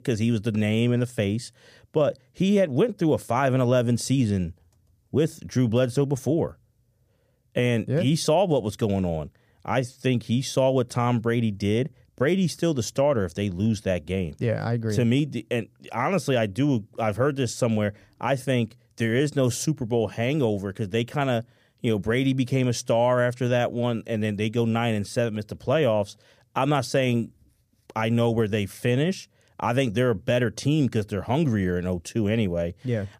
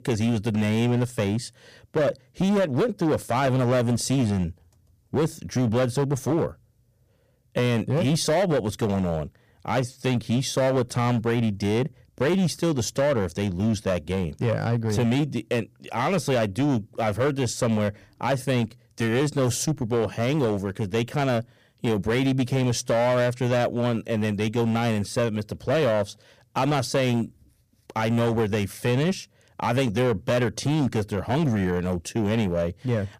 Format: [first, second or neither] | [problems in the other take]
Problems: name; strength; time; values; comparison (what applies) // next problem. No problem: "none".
first | distortion; slight; 13% of the sound clipped